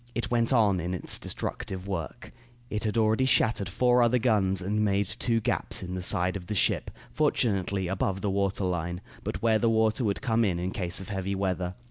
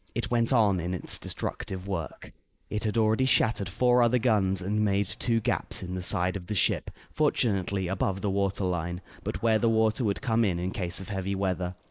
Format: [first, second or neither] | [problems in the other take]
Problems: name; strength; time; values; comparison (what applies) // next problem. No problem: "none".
first | noise reduction (neural mask model Resemble Enhance denoiser)